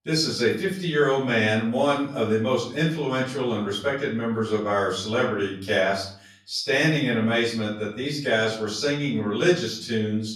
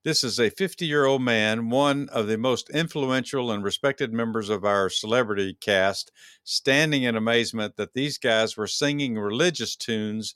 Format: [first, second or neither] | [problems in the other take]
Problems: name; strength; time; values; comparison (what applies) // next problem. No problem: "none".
second | off-mic speech; far // room echo; noticeable; dies away in 0.5 s